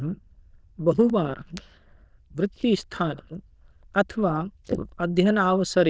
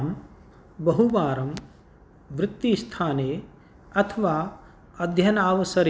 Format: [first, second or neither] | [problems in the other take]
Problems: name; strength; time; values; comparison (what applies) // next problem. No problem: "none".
second | noise reduction (neural diffusion model UNIVERSE++)